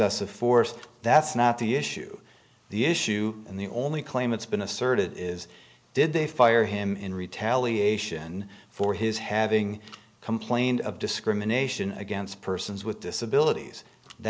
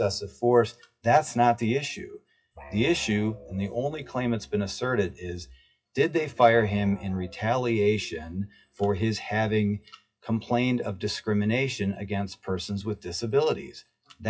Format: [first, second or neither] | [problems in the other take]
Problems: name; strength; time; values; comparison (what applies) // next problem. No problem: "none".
first | noise reduction (classical method WPE with log-MMSE)